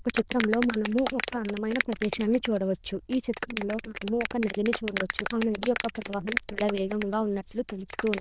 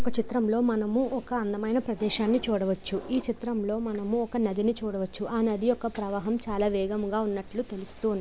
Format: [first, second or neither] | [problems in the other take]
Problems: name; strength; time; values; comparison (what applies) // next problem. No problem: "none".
second | noise reduction (neural diffusion model UNIVERSE++)